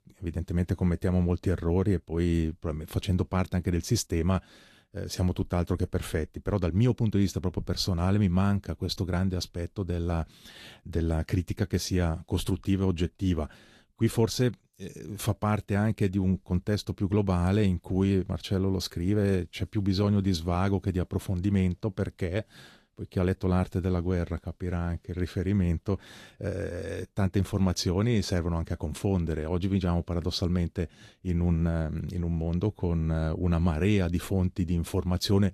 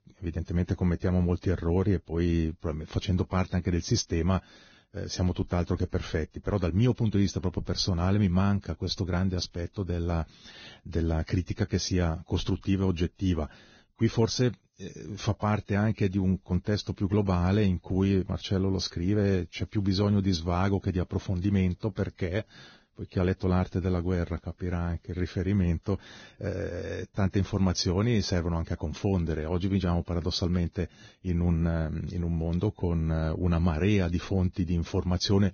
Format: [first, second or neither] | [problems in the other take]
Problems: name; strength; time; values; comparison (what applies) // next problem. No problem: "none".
first | garbled, watery; badly; nothing above 6.5 kHz; slightly in the first